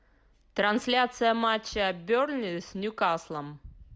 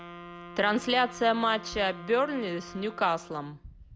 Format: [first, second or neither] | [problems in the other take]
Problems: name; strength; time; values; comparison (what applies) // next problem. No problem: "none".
first | background sound (Wind instrument, woodwind instrument); 16 dB below the speech